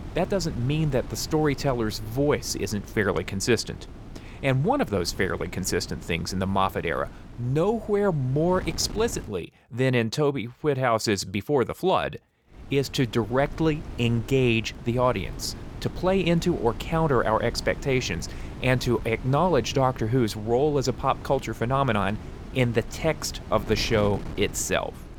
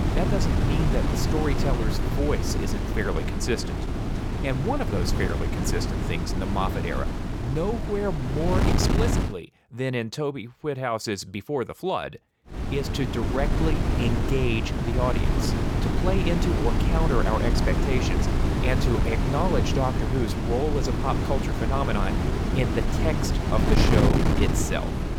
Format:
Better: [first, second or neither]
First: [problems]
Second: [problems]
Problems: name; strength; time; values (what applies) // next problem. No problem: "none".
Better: first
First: wind noise on the microphone; occasional gusts; until 9.5 s and from 13 s on; 20 dB below the speech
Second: wind noise on the microphone; heavy; until 9.5 s and from 13 s on; 1 dB below the speech